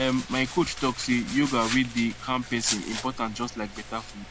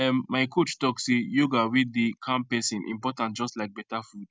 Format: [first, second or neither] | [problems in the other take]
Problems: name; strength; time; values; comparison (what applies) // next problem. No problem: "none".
second | background sound (Domestic sounds, home sounds); 9 dB below the speech